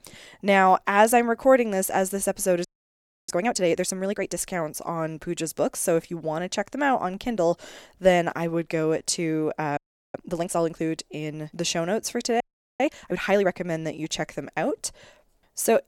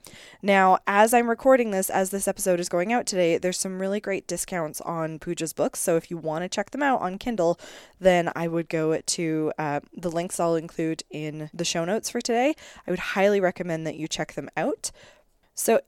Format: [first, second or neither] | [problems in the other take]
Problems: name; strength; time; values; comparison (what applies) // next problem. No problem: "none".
second | audio freezing; at 2.5 s for 0.5 s, at 10 s and at 12 s